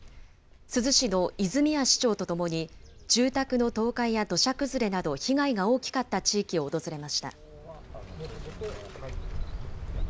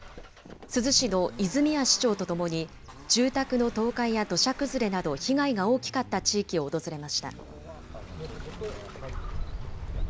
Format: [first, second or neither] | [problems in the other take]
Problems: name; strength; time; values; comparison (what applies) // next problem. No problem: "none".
first | background sound (Accelerating, revving, vroom); 19 dB below the speech